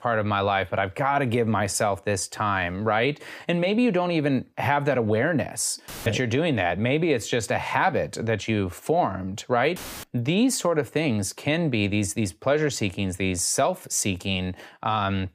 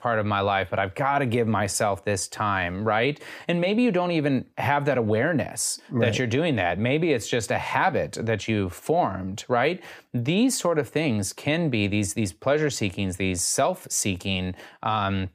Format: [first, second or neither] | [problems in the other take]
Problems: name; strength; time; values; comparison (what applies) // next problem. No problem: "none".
second | audio cutting out; filled with static; at 6 s and at 10 s